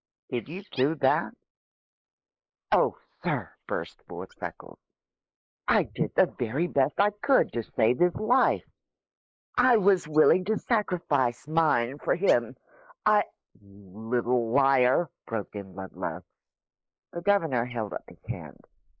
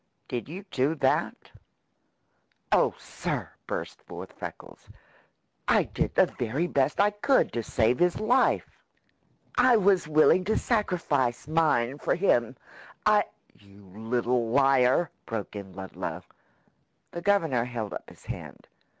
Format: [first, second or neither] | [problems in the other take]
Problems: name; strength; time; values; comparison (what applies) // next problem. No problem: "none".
second | noise reduction (neural mask model Resemble Enhance denoiser)